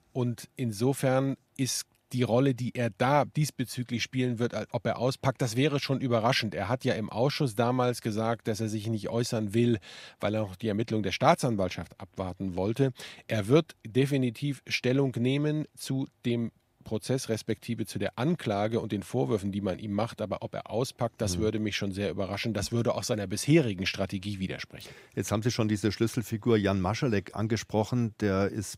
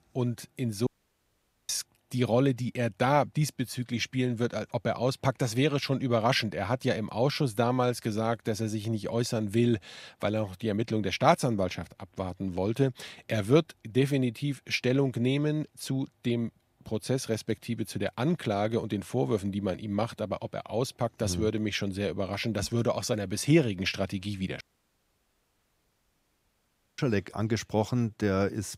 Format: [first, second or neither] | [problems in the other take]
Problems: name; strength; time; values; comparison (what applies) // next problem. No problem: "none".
first | audio cutting out; at 1 s for 1 s and at 25 s for 2.5 s